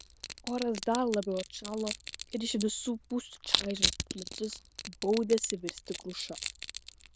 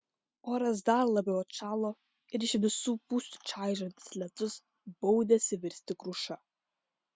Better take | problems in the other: second | noise reduction (neural diffusion model UNIVERSE++)

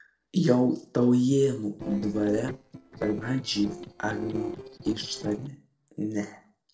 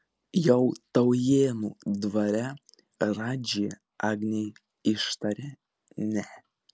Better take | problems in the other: second | noise reduction (neural separator model SepFormer DNS4)

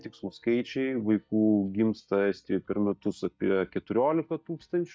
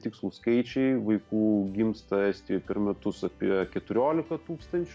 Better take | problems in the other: second | noise reduction (neural mask model DeepFilterNet 3)

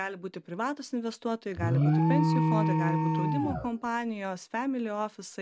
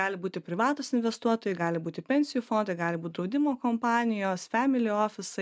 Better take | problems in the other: second | background sound (Alarm); 4 dB above the speech

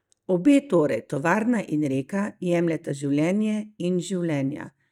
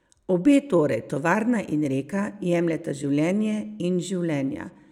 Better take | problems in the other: second | noise reduction (neural mask model DeepFilterNet 3)

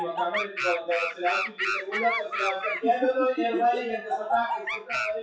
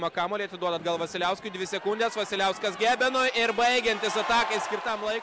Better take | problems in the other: second | noise reduction (classical method WPE with log-MMSE)

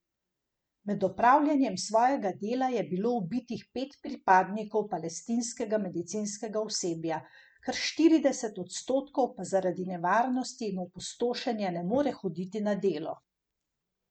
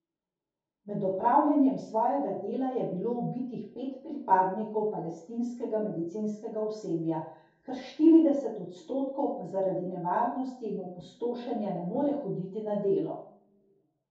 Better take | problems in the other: first | room echo; dies away in 0.6 s

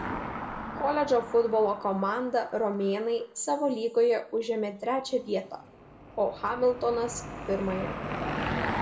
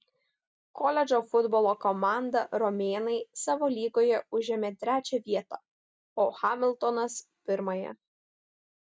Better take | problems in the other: second | background sound (Car passing by / Engine); 9 dB below the speech // room echo; dies away in 1.1 s

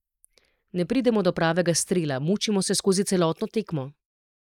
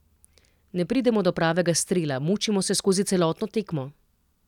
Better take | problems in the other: second | noise reduction (neural mask model Resemble Enhance denoiser)

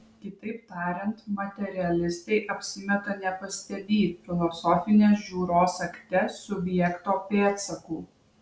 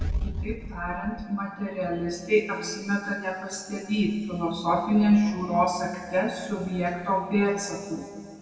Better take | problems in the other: first | room echo; dies away in 2.1 s

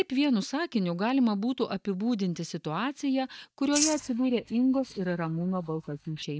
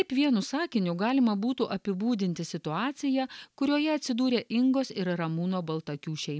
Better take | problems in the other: second | noise reduction (neural mask model DeepFilterNet 3)

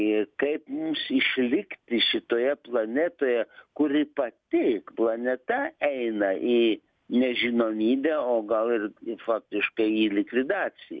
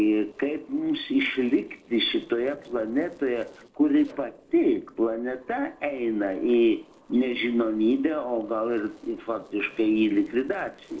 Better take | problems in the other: first | noise reduction (neural separator model SepFormer DNS4)

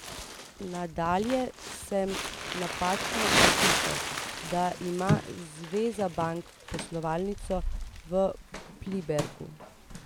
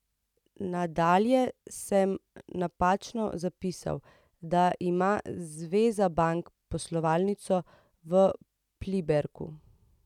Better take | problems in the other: second | background sound (Crumpling, crinkling); as loud as the speech

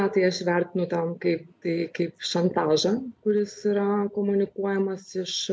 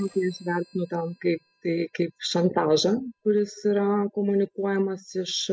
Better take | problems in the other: first | noise reduction (classical method spectral subtraction)

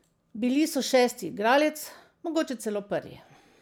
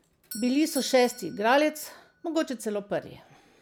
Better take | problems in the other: first | background sound (Doorbell); 20 dB below the speech

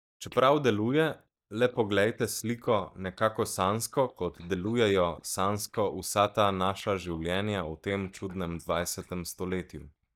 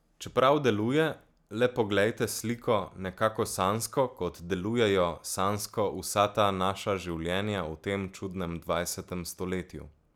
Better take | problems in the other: second | noise reduction (neural mask model DeepFilterNet 3)

